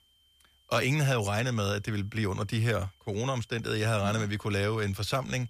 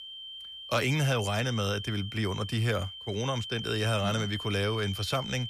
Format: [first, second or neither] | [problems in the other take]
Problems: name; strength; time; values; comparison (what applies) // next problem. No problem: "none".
first | high-pitched whine; loud; throughout; 3 kHz, 8 dB below the speech; faint in the first